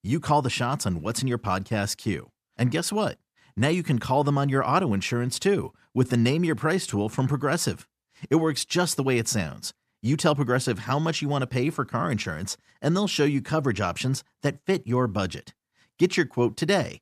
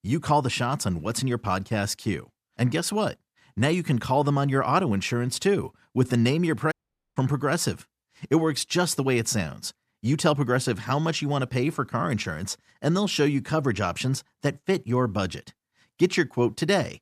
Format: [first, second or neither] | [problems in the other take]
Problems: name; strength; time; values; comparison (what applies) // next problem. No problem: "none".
first | audio cutting out; at 6.5 s